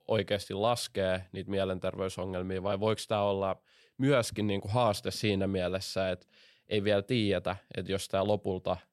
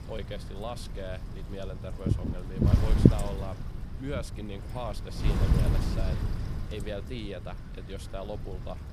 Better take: first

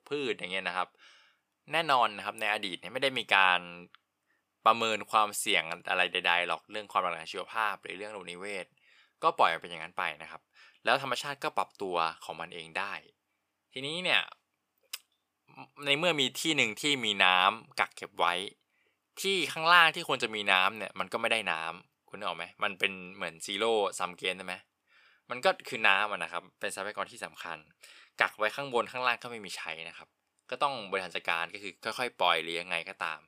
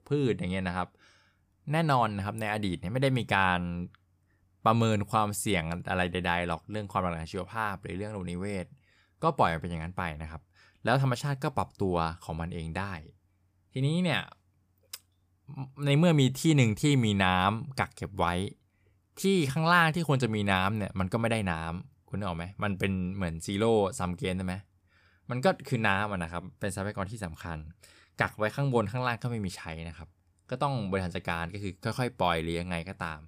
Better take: second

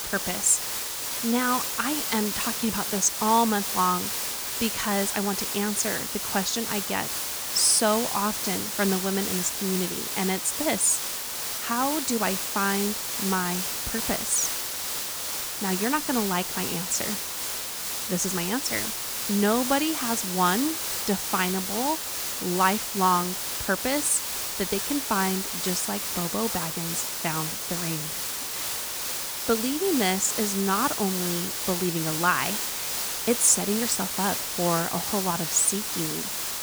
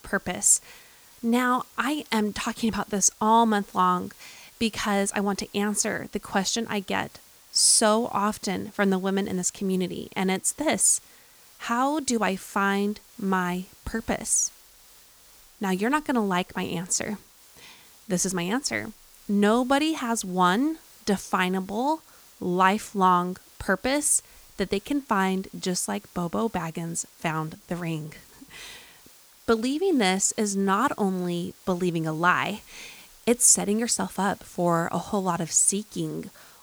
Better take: second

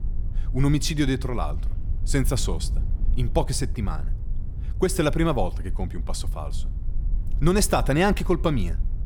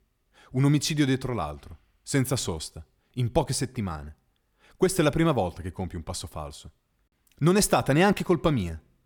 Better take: second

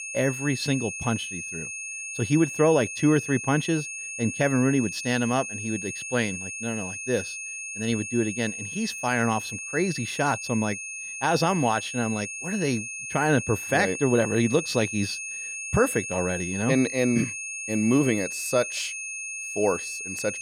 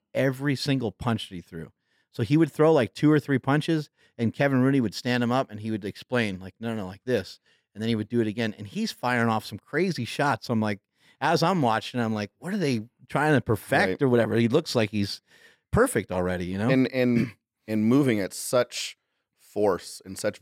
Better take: second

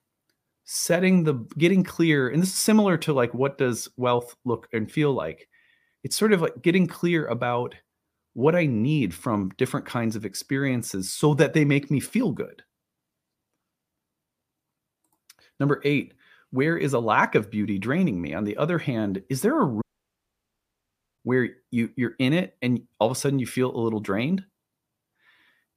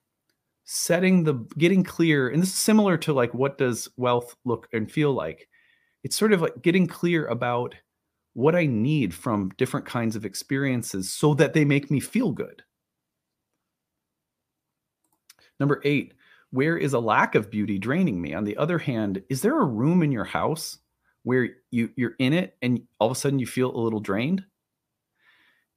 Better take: second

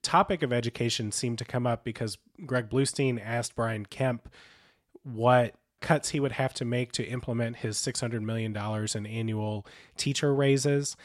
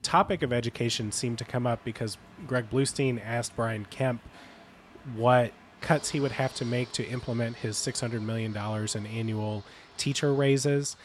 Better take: first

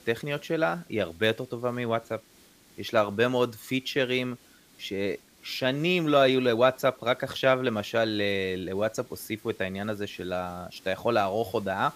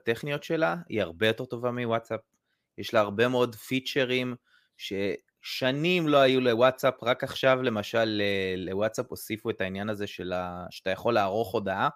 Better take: second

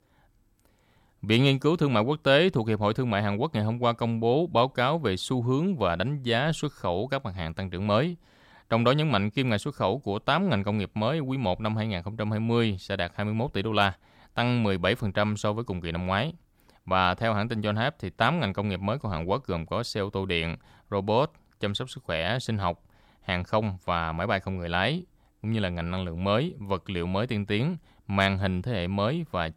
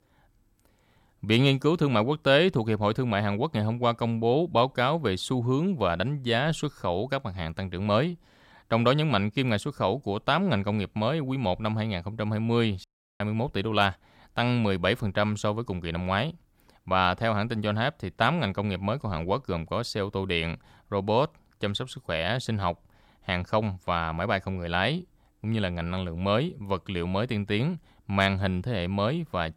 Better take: first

